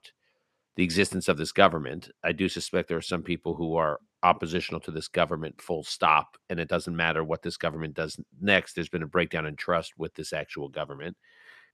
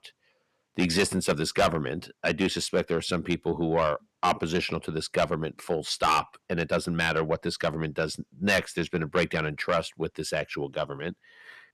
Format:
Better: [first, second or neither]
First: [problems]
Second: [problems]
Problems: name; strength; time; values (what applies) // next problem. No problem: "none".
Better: first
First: none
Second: distortion; heavy; 7 dB below the speech